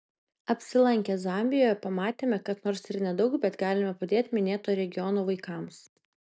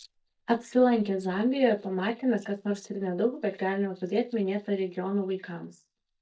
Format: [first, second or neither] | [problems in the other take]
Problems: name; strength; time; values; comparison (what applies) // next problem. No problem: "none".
first | noise reduction (neural mask model DeepFilterNet 3)